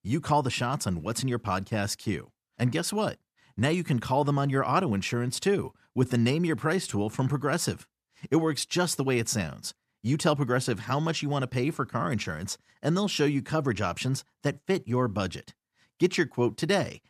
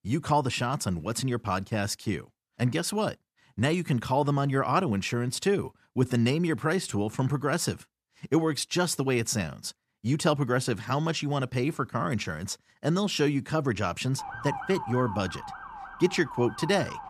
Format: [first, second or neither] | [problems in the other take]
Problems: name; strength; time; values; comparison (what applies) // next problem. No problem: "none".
first | siren; noticeable; from 14 s on; peak 8 dB below the speech